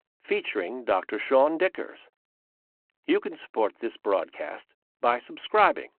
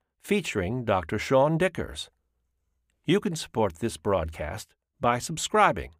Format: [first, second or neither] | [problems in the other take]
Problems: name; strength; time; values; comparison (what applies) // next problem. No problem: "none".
second | phone-call audio